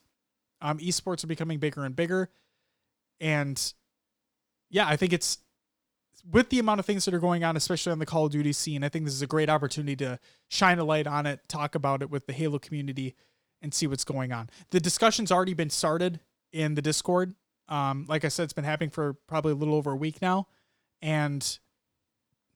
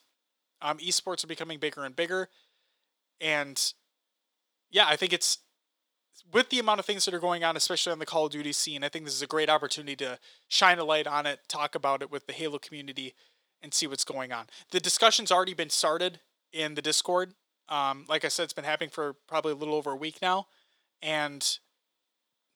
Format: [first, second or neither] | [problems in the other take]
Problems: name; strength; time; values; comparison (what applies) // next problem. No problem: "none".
first | thin; somewhat; fading below 450 Hz